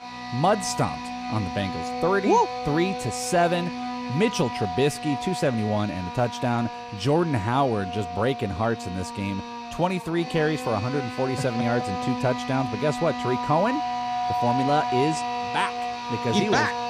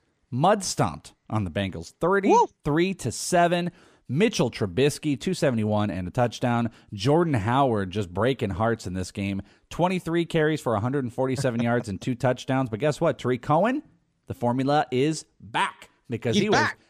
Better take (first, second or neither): second